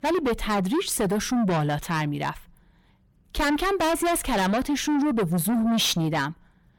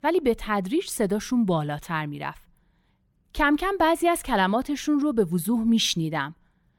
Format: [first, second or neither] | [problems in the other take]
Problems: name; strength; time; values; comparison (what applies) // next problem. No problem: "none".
second | distortion; heavy; 6 dB below the speech